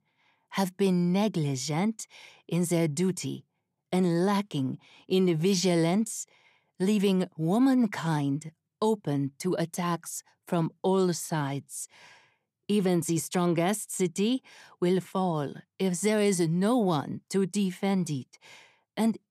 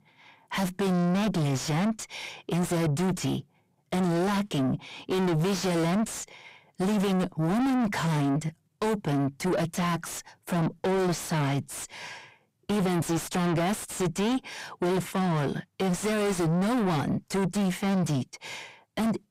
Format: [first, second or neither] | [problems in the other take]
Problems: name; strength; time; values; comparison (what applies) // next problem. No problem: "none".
first | distortion; heavy; 6 dB below the speech